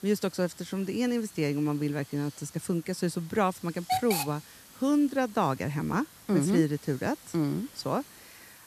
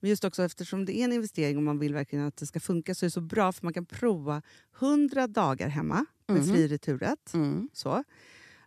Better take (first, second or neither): second